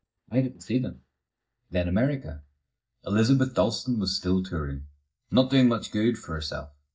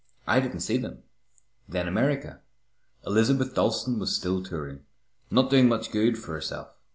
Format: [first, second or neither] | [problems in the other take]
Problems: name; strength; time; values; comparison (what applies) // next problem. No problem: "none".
second | noise reduction (neural mask model DeepFilterNet 3)